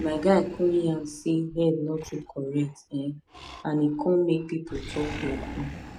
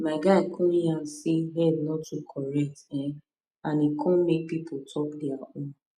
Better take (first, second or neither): second